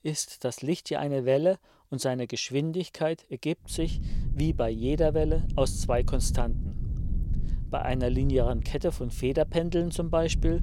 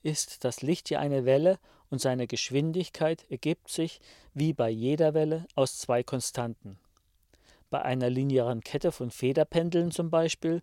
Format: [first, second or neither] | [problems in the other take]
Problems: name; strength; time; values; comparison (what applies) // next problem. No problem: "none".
second | low rumble; noticeable; from 3.5 s on; 20 dB below the speech